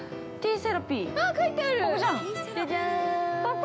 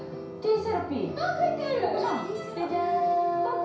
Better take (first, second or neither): first